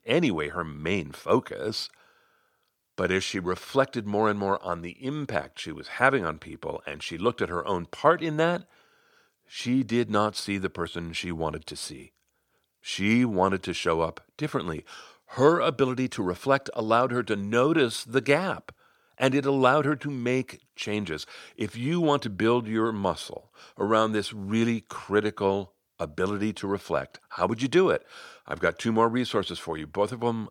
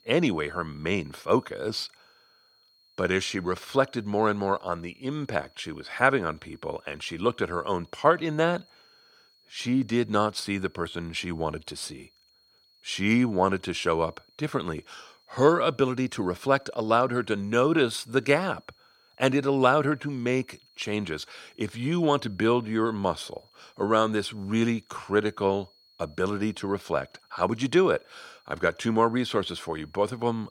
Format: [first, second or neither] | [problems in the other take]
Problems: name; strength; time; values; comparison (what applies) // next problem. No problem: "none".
first | high-pitched whine; faint; throughout; 4.5 kHz, 35 dB below the speech